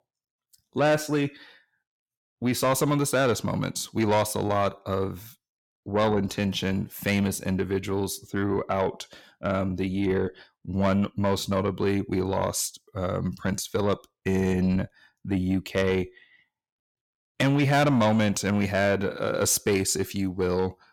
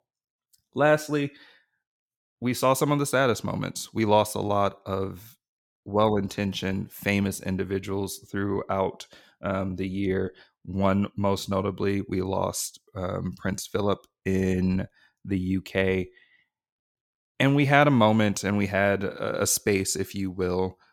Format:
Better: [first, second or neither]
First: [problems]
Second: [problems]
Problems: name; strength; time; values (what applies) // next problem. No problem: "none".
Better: second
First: distortion; slight; 10 dB below the speech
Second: none